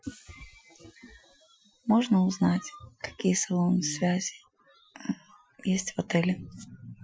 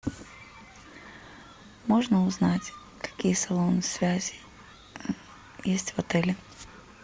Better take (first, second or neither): second